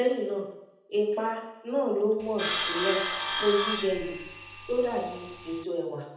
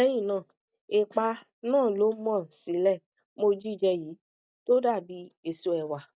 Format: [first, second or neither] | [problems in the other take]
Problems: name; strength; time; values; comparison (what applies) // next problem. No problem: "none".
second | background sound (Sawing); 4 dB below the speech // room echo; dies away in 0.8 s